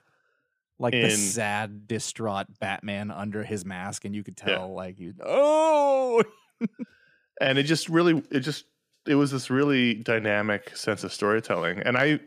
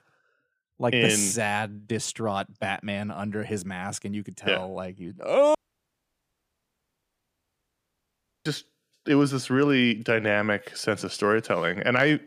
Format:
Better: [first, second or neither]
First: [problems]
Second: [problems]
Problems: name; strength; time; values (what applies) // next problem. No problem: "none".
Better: first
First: none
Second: audio cutting out; at 5.5 s for 3 s